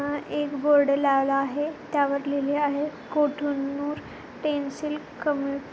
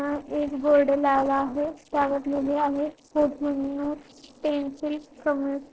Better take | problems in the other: first | noise reduction (neural separator model SepFormer DNS4)

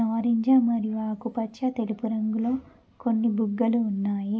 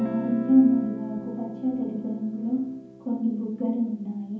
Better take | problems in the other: first | background sound (Guitar); 12 dB below the speech // room echo; dies away in 0.7 s

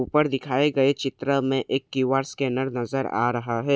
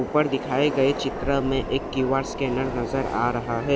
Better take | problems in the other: first | background sound (Subway, metro, underground); 7 dB below the speech

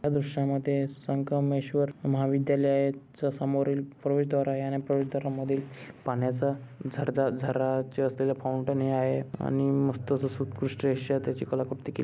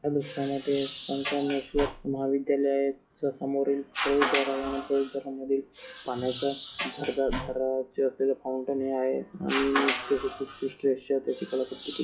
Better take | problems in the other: first | noise reduction (classical method WPE with log-MMSE)

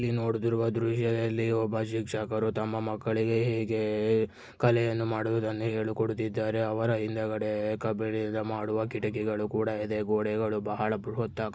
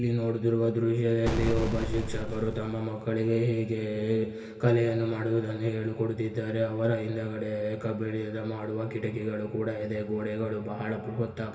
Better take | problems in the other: first | background sound (Boom); 2 dB below the speech // room echo; dies away in 2.5 s

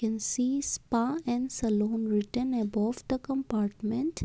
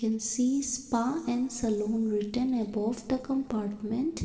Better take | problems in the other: first | room echo; dies away in 2.1 s

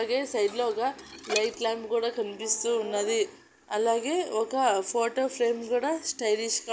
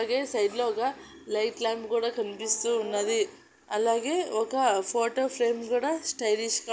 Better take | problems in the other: second | background sound (Dishes, pots, and pans); 11 dB below the speech

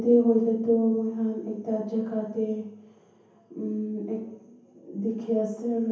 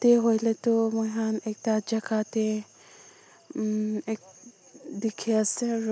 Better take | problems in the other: second | room echo; dies away in 0.9 s

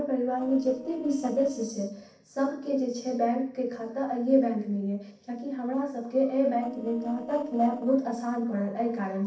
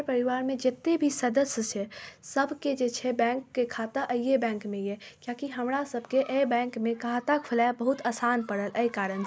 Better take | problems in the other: second | noise reduction (neural separator model SepFormer DNS4)

